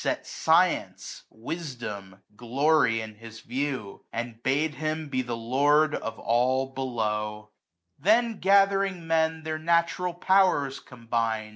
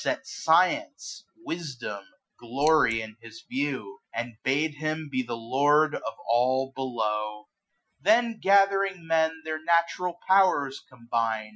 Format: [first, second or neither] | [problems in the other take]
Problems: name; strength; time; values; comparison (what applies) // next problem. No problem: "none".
first | noise reduction (classical method Wiener filter)